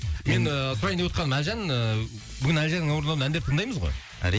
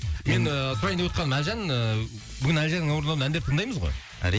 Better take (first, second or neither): first